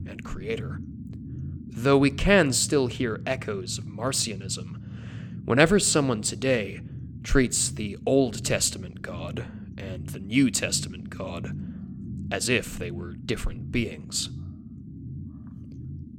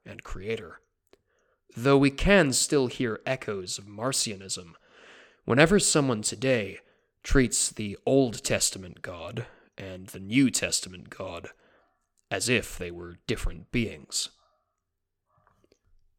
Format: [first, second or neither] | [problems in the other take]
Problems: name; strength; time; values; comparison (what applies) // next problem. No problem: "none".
second | low rumble; faint; throughout; 20 dB below the speech